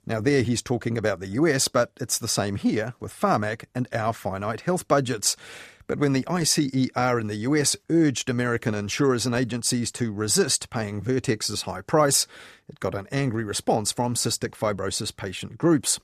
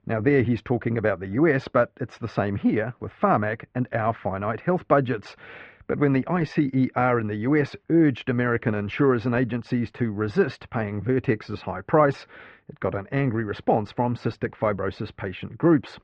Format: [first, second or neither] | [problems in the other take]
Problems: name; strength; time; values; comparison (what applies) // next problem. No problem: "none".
first | muffled; very; fading above 2.5 kHz